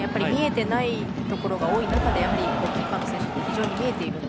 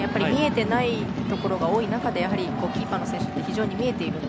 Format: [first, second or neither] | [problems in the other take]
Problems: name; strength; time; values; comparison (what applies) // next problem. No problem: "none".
second | background sound (Cheering); 3 dB below the speech